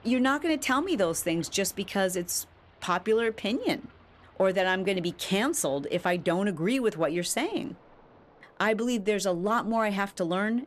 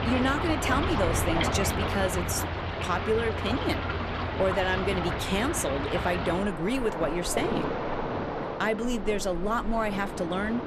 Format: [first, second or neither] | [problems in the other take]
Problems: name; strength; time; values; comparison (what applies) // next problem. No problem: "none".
first | rain or running water; loud; throughout; 2 dB below the speech; faint in the first